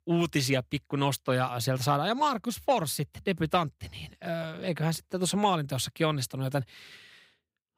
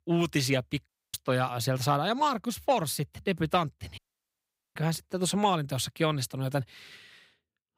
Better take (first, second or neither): first